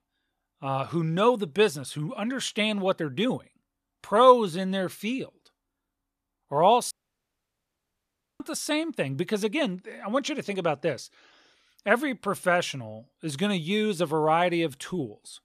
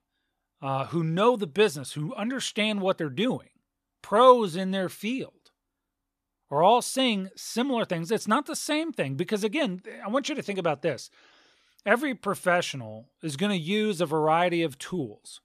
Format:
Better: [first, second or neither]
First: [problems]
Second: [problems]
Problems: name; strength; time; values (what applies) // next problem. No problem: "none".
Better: second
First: audio cutting out; at 7 s for 1.5 s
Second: none